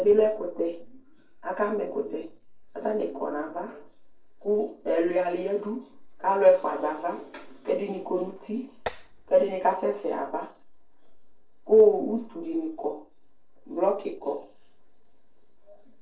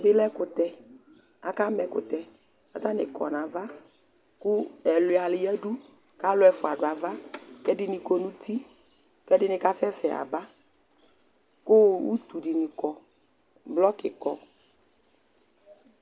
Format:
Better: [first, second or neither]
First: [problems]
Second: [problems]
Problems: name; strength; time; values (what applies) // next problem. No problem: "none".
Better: second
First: noise reduction (neural separator model SepFormer DNS4)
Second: none